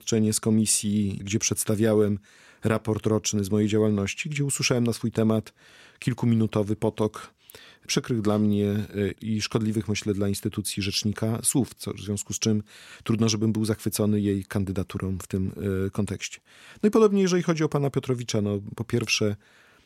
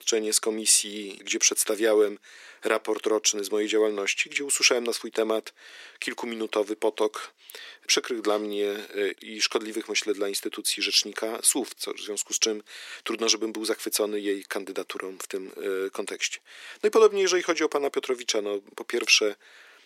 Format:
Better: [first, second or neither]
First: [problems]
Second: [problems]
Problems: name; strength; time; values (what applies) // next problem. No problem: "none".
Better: first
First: none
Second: thin; very; fading below 350 Hz